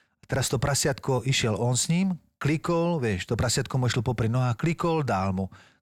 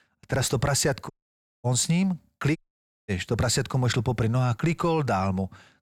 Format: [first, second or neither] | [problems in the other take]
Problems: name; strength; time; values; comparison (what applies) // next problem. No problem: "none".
first | audio cutting out; at 1 s for 0.5 s and at 2.5 s for 0.5 s